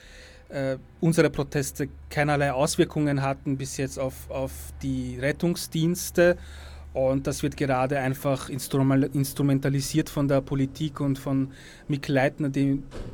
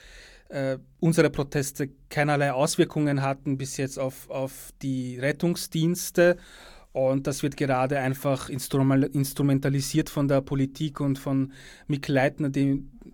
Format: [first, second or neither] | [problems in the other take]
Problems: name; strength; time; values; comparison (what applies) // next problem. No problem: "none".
second | traffic noise; faint; throughout; 20 dB below the speech